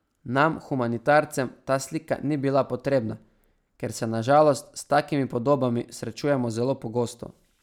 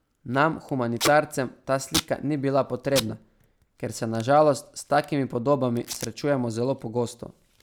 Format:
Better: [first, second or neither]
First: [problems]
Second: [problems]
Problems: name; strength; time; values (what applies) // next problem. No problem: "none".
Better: first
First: none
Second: background sound (Packing tape, duct tape); 12 dB below the speech